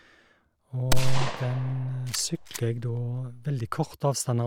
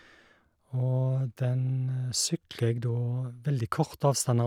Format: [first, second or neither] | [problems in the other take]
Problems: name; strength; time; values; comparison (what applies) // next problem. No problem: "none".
second | background sound (Gunshot, gunfire); 4 dB above the speech